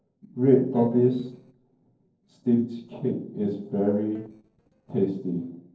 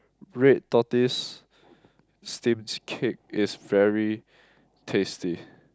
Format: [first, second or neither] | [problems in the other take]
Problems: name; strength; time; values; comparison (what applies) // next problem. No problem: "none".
second | noise reduction (neural separator model SepFormer DNS4)